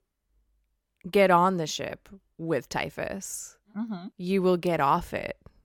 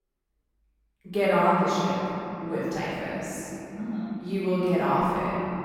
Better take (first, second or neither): first